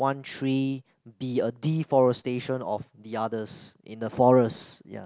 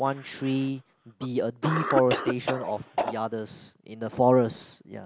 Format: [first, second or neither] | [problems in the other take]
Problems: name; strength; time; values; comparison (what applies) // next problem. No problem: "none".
first | background sound (Cough); 7 dB below the speech